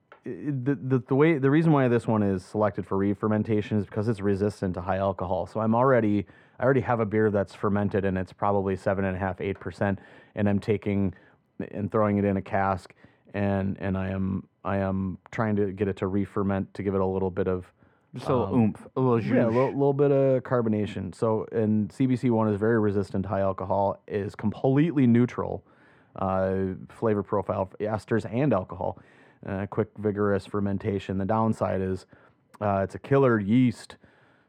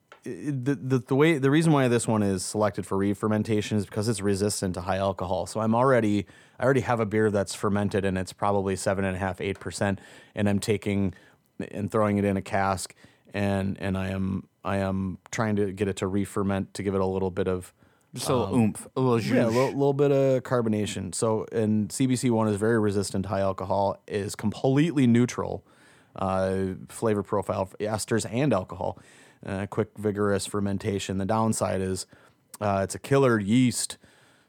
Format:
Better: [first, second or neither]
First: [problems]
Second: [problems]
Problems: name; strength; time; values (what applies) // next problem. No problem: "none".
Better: second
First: muffled; very; fading above 4 kHz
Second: none